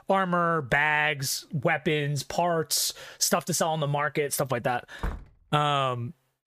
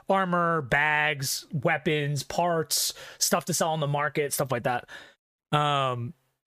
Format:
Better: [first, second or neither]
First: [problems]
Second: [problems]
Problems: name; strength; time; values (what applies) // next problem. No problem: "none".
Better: second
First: door banging; faint; at 5 s; peak 10 dB below the speech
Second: none